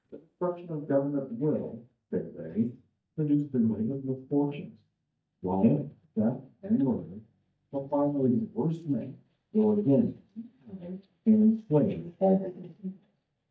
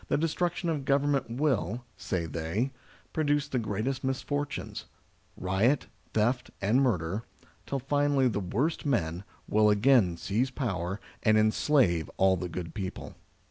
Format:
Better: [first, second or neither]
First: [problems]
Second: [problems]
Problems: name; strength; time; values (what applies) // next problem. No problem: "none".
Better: second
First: noise reduction (neural mask model DeepFilterNet 3)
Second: none